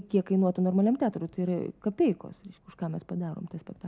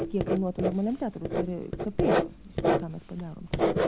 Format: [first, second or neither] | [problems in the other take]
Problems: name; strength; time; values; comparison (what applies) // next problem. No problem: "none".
first | background sound (Writing); 4 dB above the speech